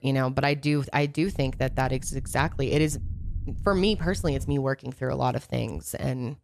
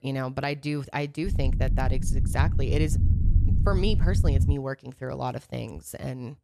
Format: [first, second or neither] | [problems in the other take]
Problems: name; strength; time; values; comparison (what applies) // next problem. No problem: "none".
first | low rumble; loud; from 1.5 to 4.5 s; 8 dB below the speech; faint in the first